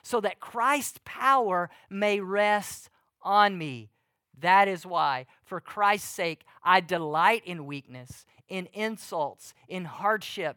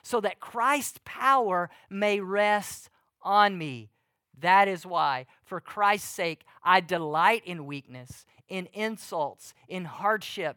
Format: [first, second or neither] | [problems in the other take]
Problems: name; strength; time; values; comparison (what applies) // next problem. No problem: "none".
neither | none